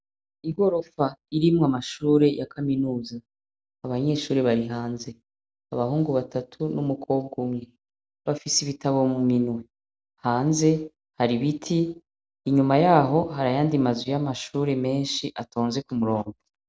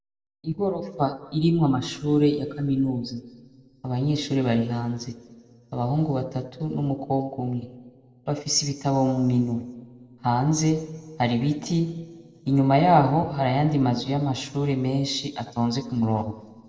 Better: first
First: none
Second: room echo; dies away in 1.5 s

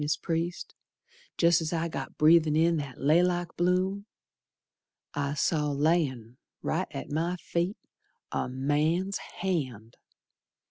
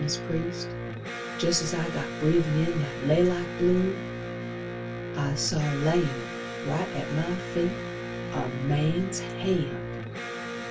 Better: first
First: none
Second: background sound (Electric guitar); 6 dB below the speech // room echo; dies away in 0.2 s

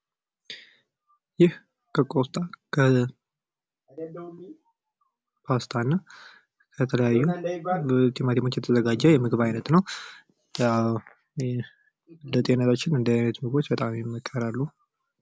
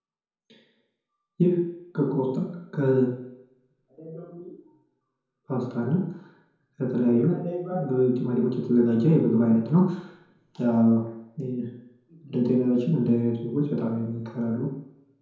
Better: first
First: none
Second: room echo; dies away in 0.9 s

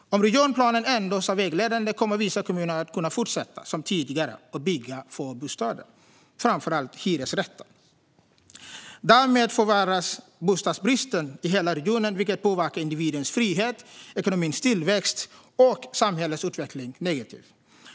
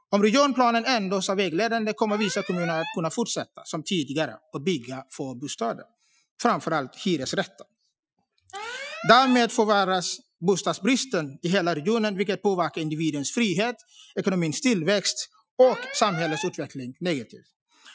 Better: first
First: none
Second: noise reduction (classical method Wiener filter)

